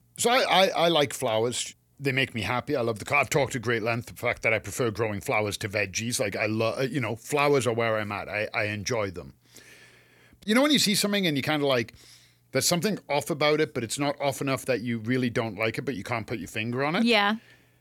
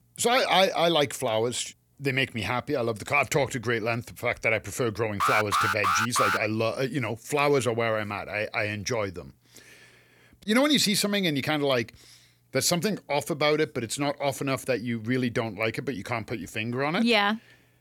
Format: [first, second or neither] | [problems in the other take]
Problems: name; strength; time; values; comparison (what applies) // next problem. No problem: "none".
first | alarm; loud; from 5 to 6.5 s; peak 2 dB above the speech